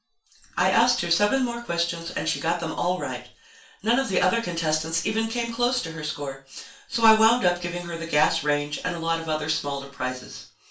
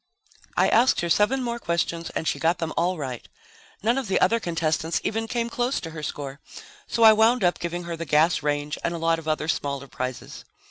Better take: second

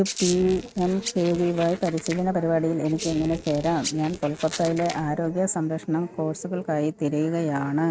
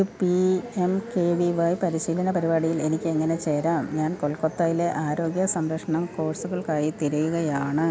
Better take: second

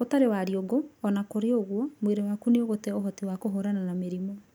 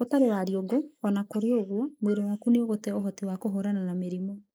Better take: first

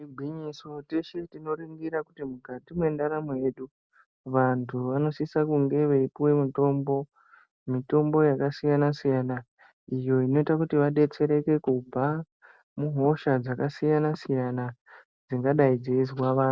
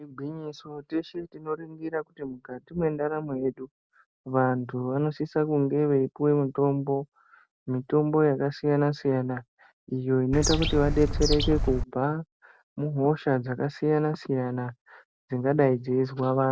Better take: first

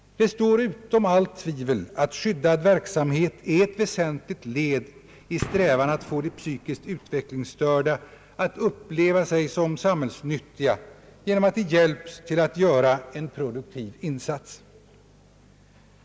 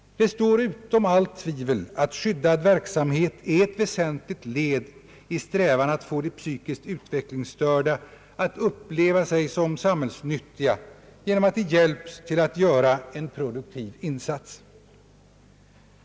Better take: second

